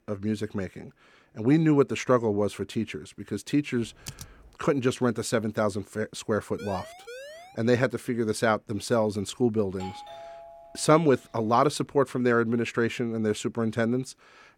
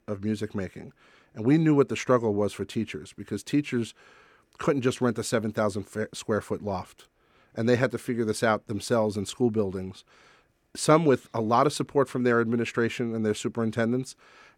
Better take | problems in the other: second | keyboard typing; faint; at 4 s; peak 15 dB below the speech // siren; faint; at 6.5 s; peak 15 dB below the speech // doorbell; faint; from 10 to 11 s; peak 15 dB below the speech

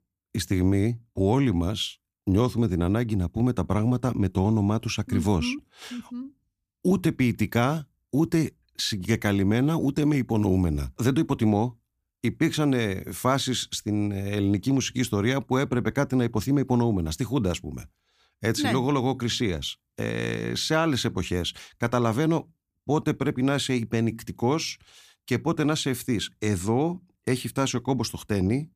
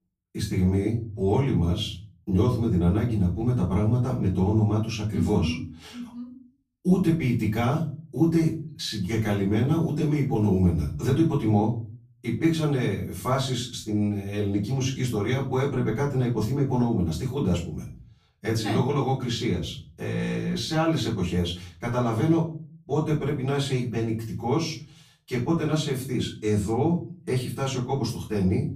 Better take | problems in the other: first | room echo; slight; dies away in 0.5 s // off-mic speech; far

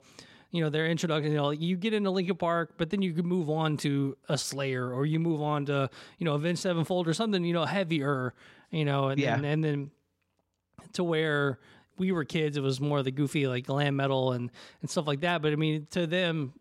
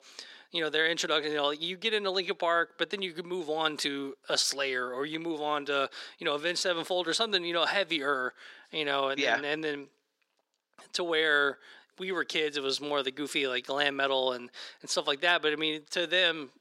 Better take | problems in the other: first | thin; very; fading below 350 Hz

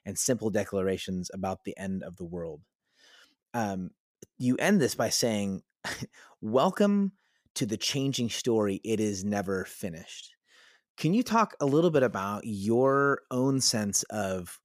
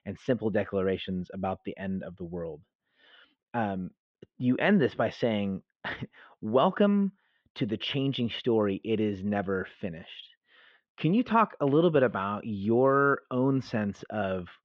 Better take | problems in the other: first | muffled; very; fading above 3.5 kHz

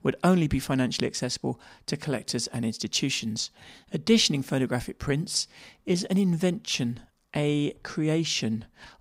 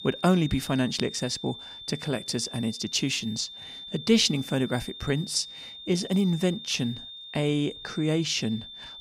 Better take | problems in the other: first | high-pitched whine; noticeable; throughout; 3.5 kHz, 10 dB below the speech

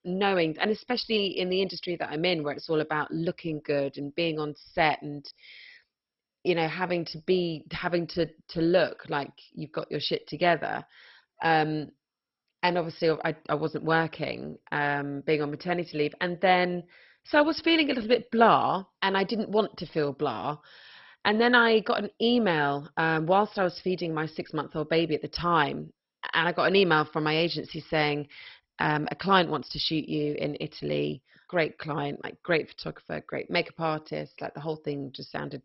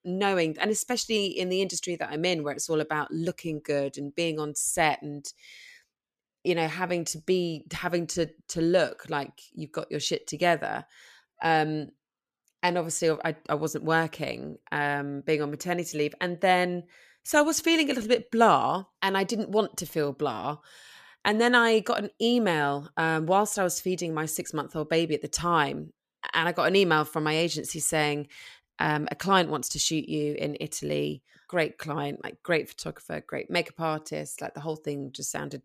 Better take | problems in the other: second | garbled, watery; badly; nothing above 5.5 kHz

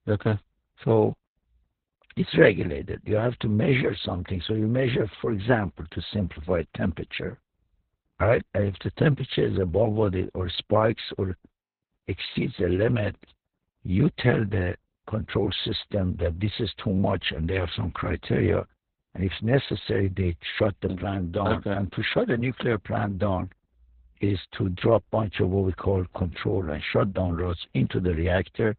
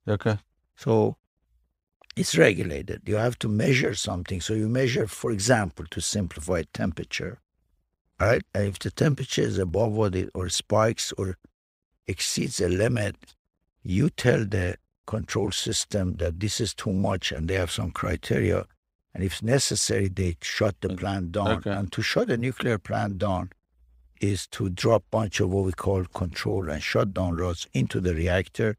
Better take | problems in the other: second | garbled, watery; badly; nothing above 4 kHz

